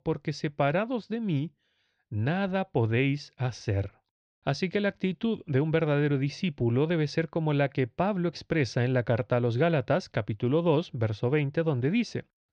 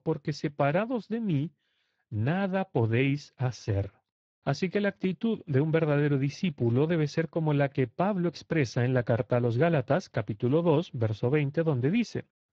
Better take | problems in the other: first | garbled, watery; badly

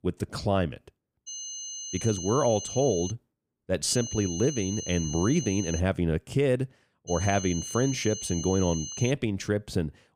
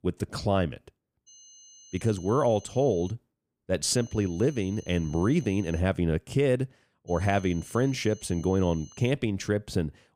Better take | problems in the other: second | high-pitched whine; loud; from 1.5 to 3 s, from 4 to 6 s and from 7 to 9 s; 6 kHz, 8 dB below the speech; faint in the second

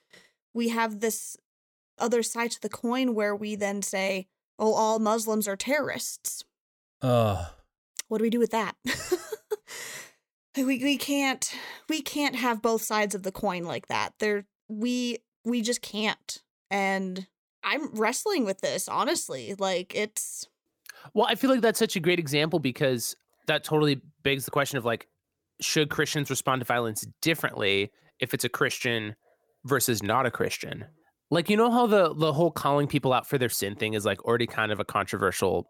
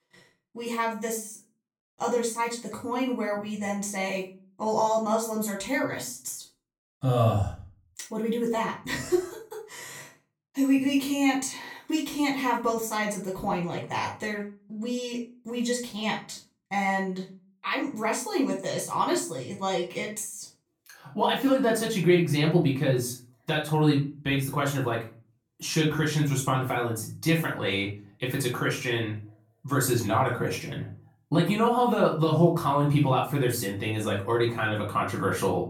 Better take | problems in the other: first | off-mic speech; far // room echo; slight; dies away in 0.3 s

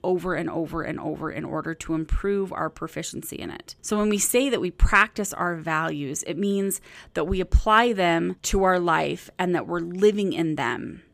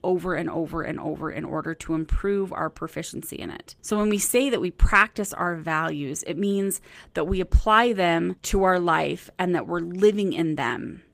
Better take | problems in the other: first | garbled, watery; slightly; nothing above 15 kHz

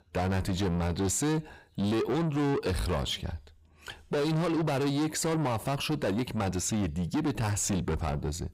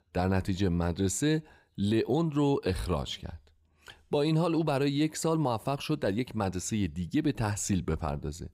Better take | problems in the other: second | distortion; heavy; 8 dB below the speech

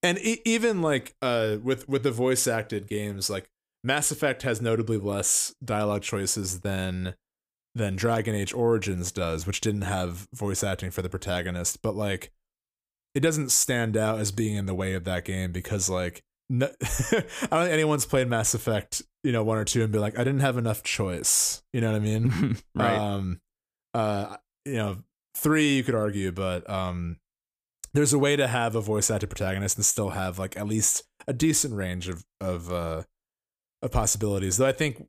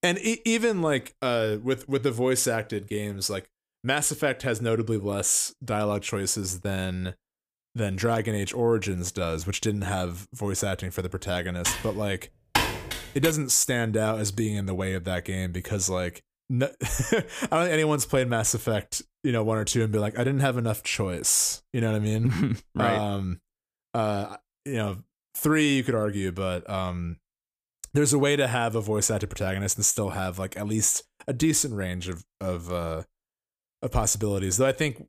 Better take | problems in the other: first | keyboard typing; loud; from 12 to 13 s; peak 1 dB above the speech

